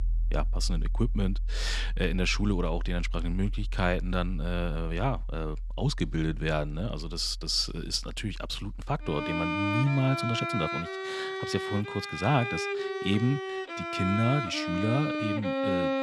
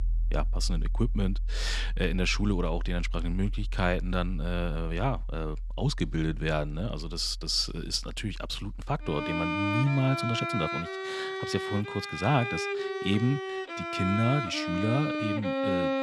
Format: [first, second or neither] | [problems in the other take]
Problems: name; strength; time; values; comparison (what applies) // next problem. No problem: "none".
neither | background music; loud; throughout; 3 dB below the speech; the same in both